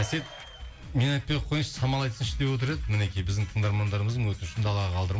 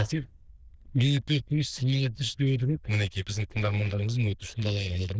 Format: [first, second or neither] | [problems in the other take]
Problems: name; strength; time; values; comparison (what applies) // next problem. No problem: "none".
first | noise reduction (neural diffusion model UNIVERSE++)